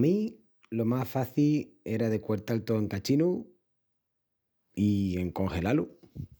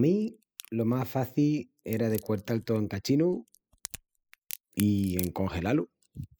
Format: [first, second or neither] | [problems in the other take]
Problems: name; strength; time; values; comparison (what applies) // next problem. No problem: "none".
first | noise reduction (classical method spectral subtraction)